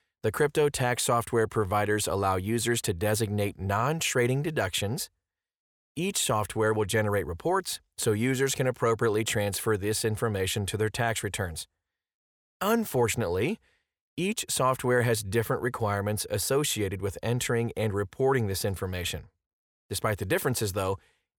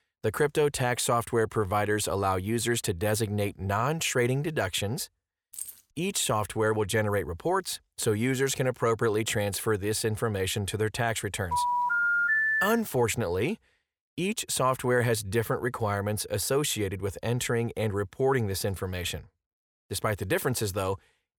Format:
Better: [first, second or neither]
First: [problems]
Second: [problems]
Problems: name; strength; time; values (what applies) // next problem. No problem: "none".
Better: first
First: none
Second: jangling keys; faint; at 5.5 s; peak 10 dB below the speech // phone ringing; loud; from 12 to 13 s; peak 5 dB above the speech